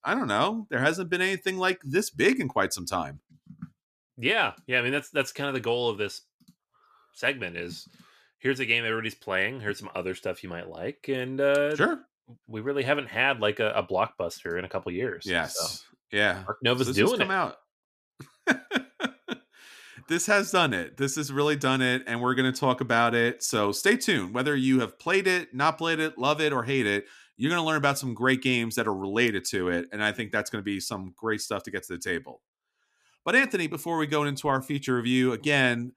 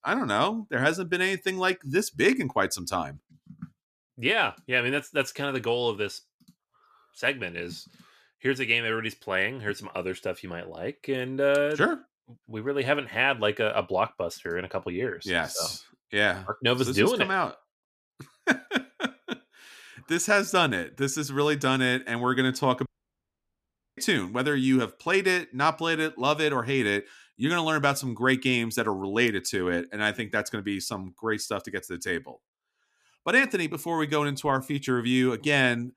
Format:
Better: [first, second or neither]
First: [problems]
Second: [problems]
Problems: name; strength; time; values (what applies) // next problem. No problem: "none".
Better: first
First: none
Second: audio cutting out; at 23 s for 1 s